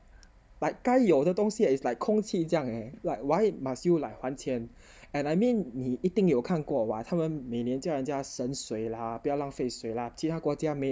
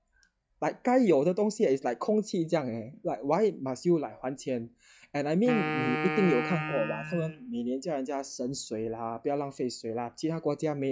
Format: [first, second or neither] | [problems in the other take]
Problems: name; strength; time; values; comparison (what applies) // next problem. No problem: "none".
first | noise reduction (classical method log-MMSE)